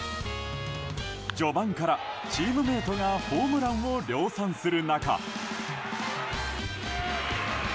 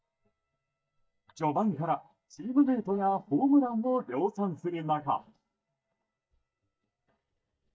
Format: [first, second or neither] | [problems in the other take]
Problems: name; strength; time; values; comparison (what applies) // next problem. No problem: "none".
first | noise reduction (neural mask model DeepFilterNet 3)